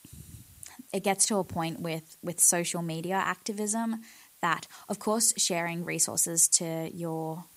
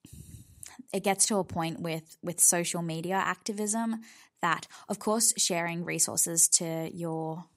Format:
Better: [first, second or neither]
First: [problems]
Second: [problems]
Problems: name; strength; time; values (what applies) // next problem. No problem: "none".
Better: second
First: hiss; faint; throughout; 30 dB below the speech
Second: none